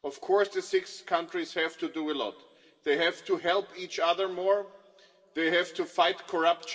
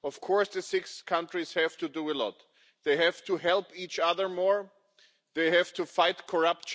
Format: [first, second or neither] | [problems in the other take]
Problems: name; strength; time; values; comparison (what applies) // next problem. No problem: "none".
second | room echo; dies away in 2.7 s